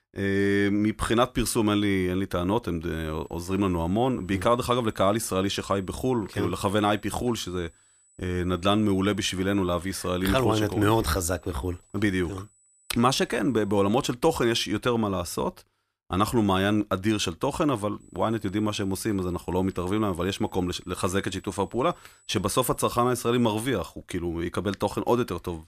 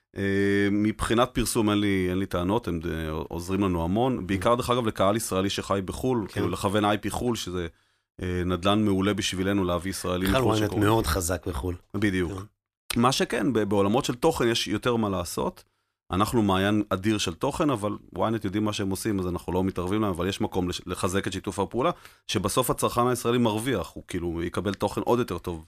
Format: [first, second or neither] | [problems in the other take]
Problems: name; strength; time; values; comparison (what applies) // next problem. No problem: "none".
second | high-pitched whine; faint; from 3 to 14 s and from 18 to 23 s; 8 kHz, 35 dB below the speech